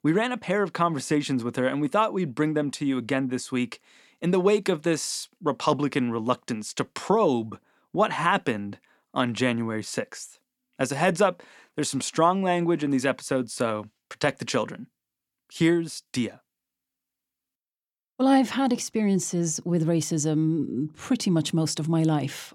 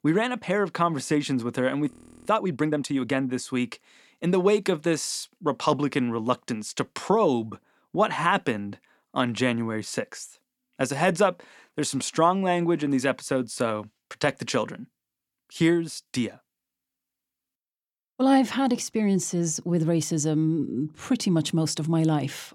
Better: first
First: none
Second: audio freezing; at 2 s

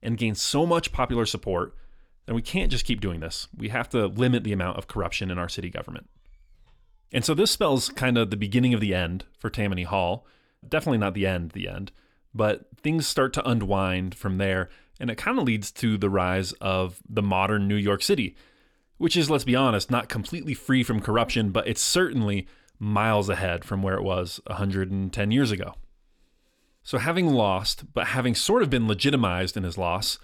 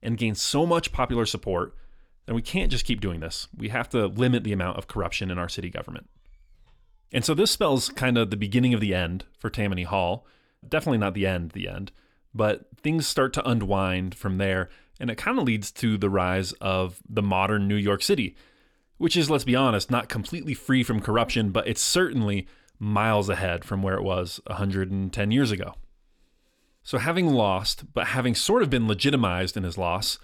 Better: neither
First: none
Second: none

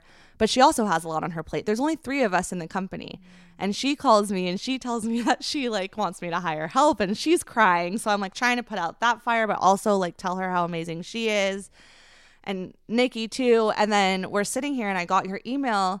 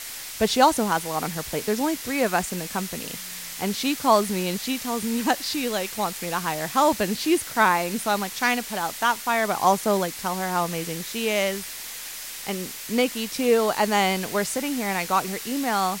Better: first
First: none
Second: hiss; loud; throughout; 9 dB below the speech

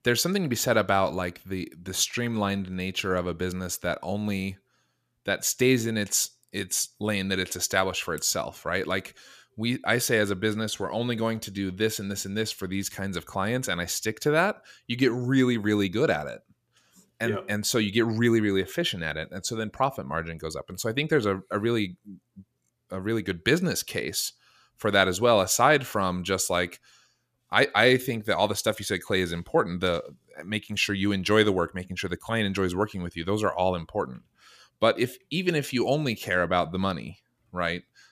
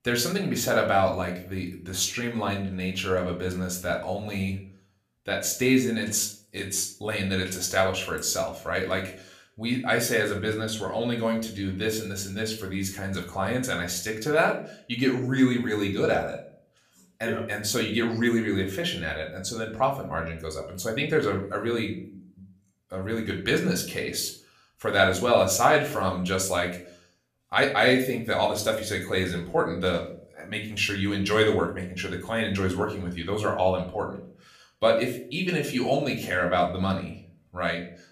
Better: first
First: none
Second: room echo; slight; dies away in 0.4 s // off-mic speech; somewhat distant

